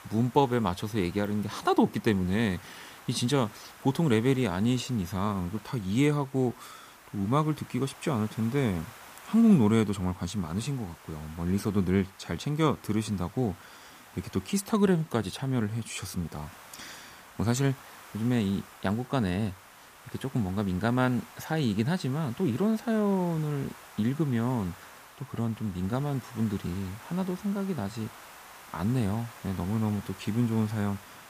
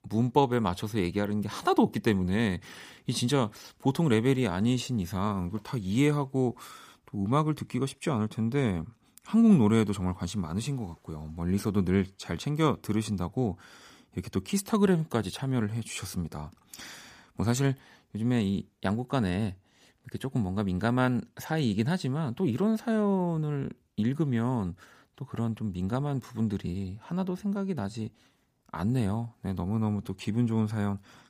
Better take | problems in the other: second | hiss; noticeable; throughout; 20 dB below the speech

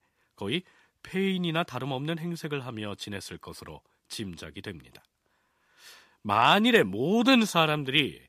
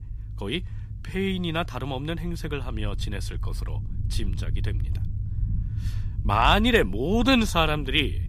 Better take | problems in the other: first | low rumble; faint; throughout; 25 dB below the speech

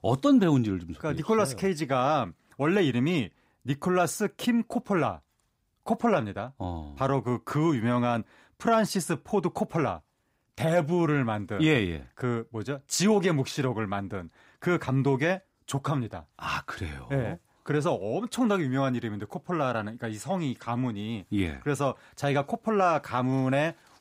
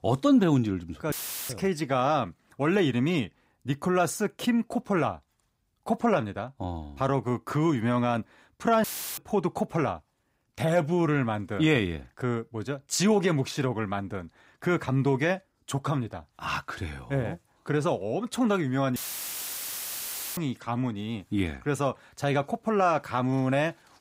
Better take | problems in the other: first | audio cutting out; filled with static; at 1 s, at 9 s and at 19 s for 1.5 s

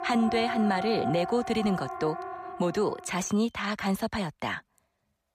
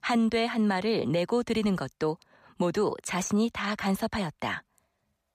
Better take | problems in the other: second | alarms or sirens; loud; until 2.5 s; 7 dB below the speech

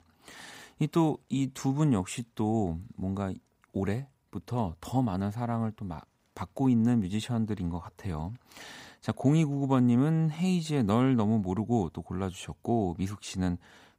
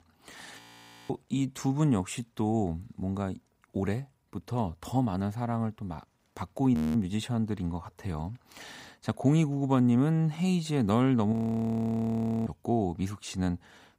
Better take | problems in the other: first | audio freezing; at 0.5 s for 0.5 s, at 7 s and at 11 s for 1 s

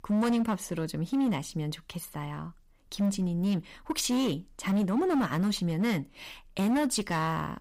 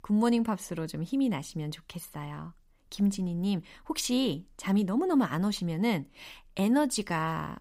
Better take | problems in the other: second | distortion; slight; 12% of the sound clipped

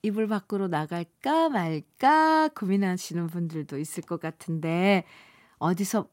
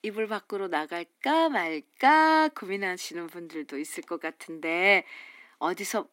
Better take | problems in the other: first | thin; somewhat; fading below 250 Hz

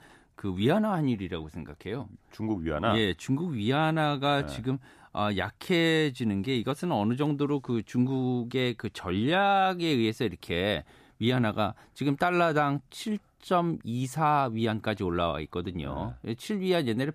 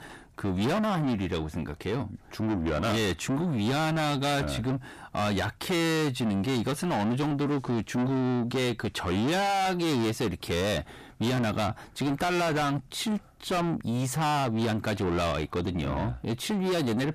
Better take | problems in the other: first | distortion; heavy; 6 dB below the speech

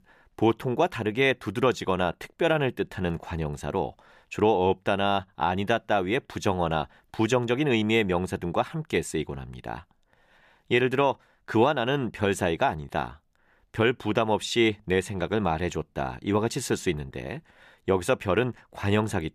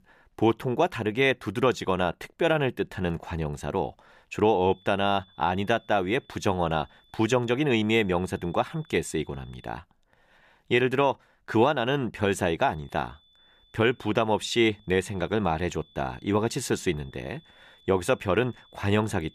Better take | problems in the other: first | high-pitched whine; faint; from 4.5 to 9.5 s and from 13 s on; 3.5 kHz, 30 dB below the speech

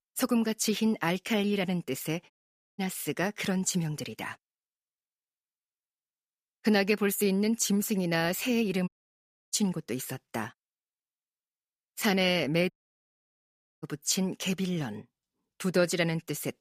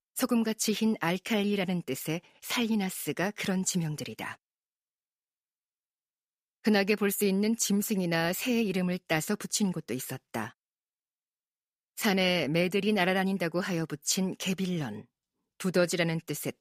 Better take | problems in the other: second | audio cutting out; at 2.5 s, at 9 s for 0.5 s and at 13 s for 1 s

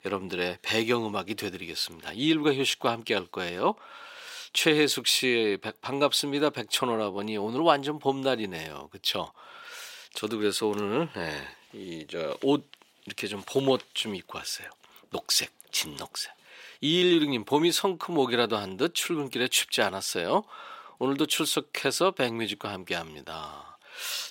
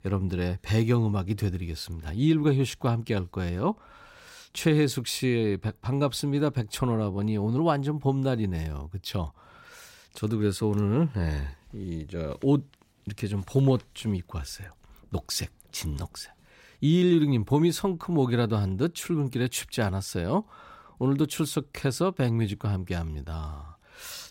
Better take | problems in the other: second | thin; somewhat; fading below 400 Hz

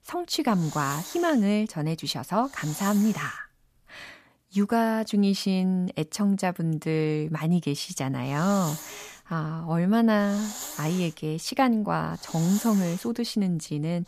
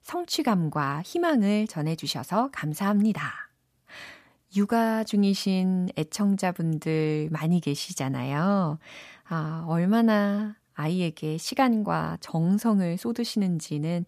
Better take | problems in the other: second | hiss; noticeable; until 4 s and from 8 s on; 10 dB below the speech

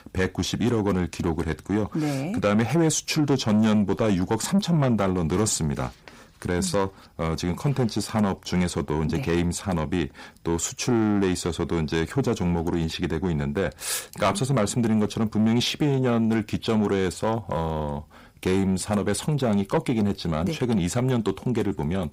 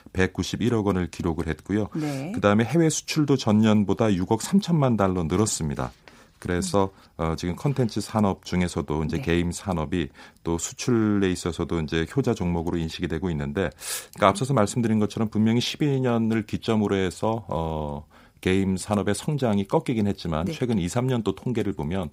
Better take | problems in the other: second | distortion; slight; 10 dB below the speech

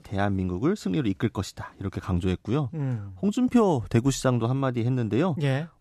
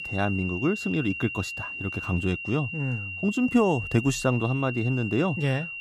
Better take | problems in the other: first | high-pitched whine; loud; throughout; 3 kHz, 6 dB below the speech

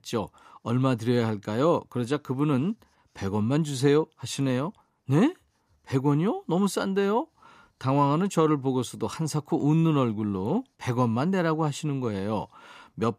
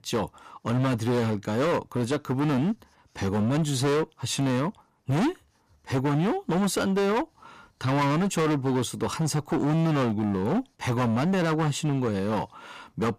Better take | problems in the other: first | distortion; heavy; 22% of the sound clipped

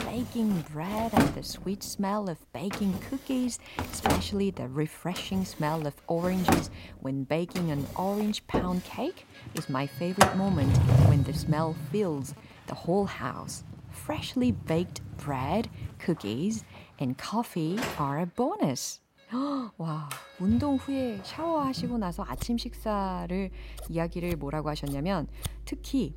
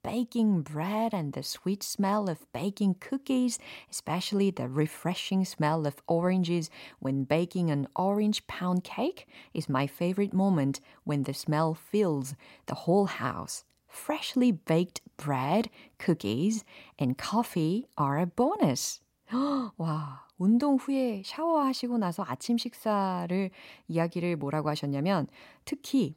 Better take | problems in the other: second | household noises; very loud; throughout; as loud as the speech

